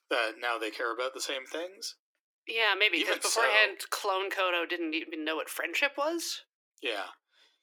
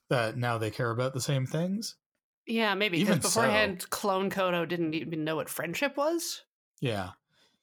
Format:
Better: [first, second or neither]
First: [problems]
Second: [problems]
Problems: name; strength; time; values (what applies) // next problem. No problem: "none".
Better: second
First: thin; very; fading below 300 Hz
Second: none